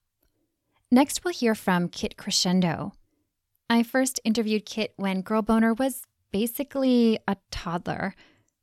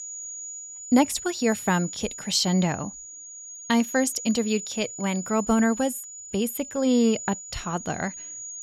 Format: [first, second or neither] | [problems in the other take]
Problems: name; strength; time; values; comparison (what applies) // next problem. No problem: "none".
first | high-pitched whine; noticeable; throughout; 7 kHz, 10 dB below the speech